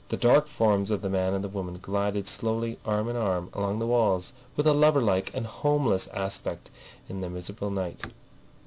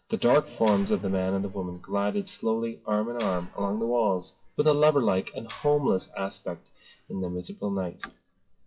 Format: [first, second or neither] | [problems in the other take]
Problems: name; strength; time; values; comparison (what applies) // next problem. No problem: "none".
first | noise reduction (classical method WPE with log-MMSE)